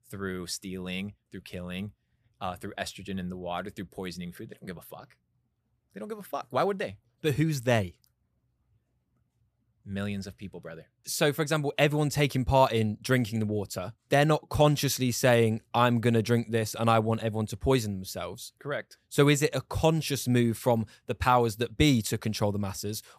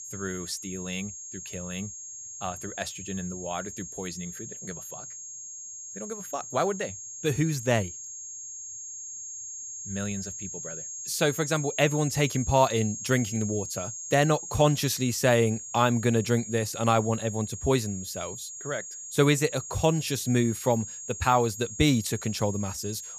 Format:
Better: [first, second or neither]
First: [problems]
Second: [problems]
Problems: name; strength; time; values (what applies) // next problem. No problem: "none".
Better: first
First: none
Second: high-pitched whine; loud; throughout; 6.5 kHz, 9 dB below the speech